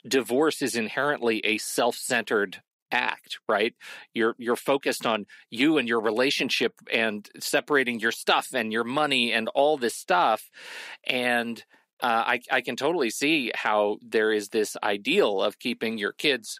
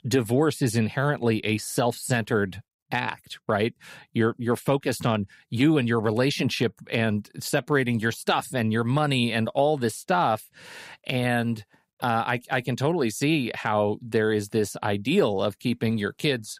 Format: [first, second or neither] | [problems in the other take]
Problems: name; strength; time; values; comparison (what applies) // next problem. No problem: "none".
second | thin; somewhat; fading below 300 Hz